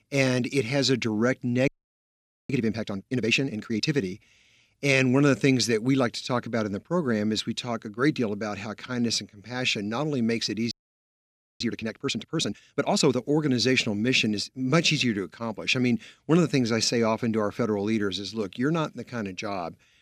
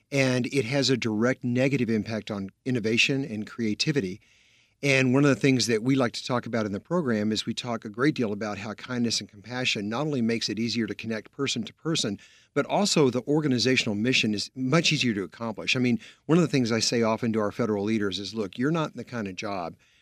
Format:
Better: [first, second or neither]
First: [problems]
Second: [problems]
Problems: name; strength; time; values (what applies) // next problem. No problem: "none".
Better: second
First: audio freezing; at 1.5 s for 1 s and at 11 s for 1 s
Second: none